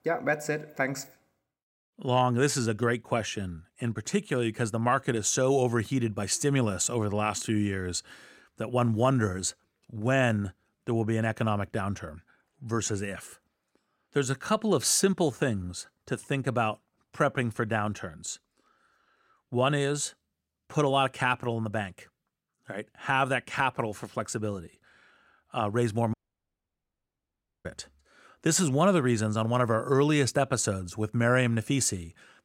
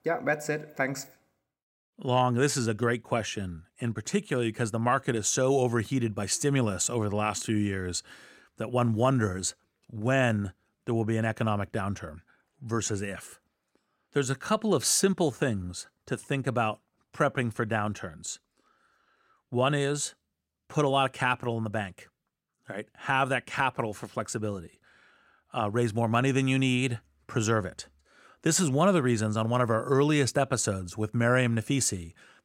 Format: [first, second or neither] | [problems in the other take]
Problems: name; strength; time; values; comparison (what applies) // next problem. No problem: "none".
second | audio cutting out; at 26 s for 1.5 s